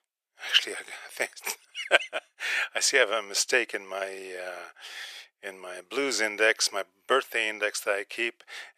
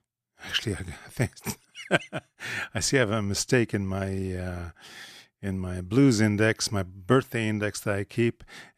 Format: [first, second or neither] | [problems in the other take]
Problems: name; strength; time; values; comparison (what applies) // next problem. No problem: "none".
second | thin; very; fading below 500 Hz